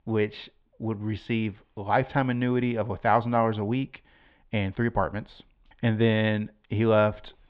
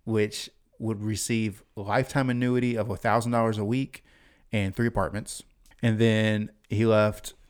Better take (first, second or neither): second